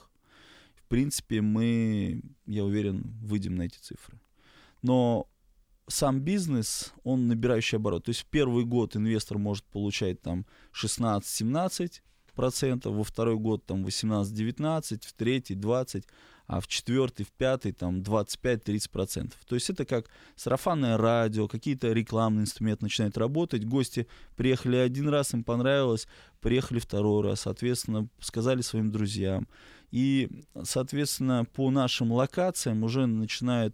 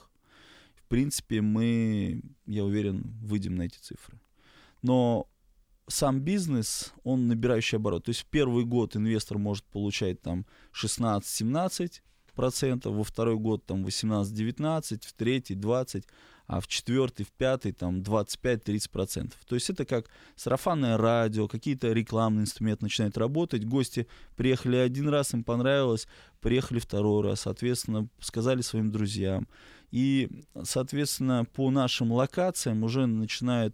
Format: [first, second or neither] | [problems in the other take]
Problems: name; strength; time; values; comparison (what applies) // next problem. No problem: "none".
neither | none